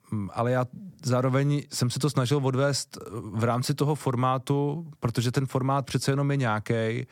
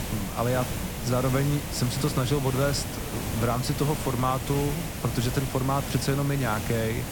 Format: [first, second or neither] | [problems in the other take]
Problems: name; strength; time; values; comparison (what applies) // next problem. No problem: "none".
first | hiss; loud; throughout; 5 dB below the speech